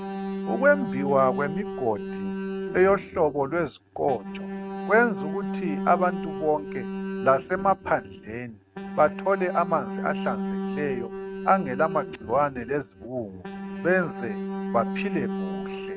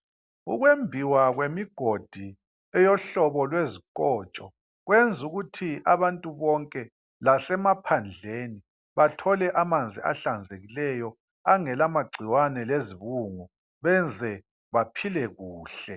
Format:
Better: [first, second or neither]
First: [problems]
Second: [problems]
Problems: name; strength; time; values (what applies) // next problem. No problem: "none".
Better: second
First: noise reduction (neural mask model RNNoise)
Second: none